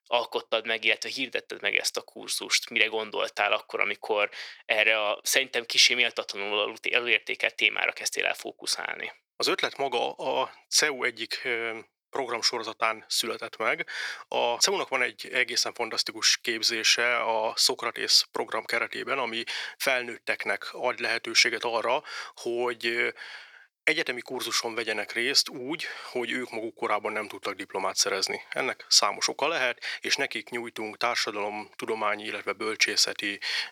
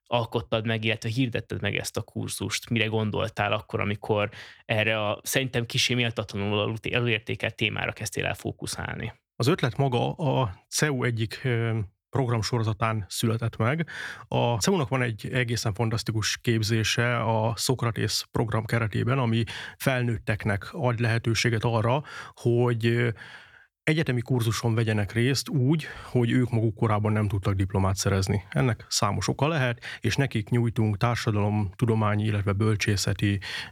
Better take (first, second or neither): second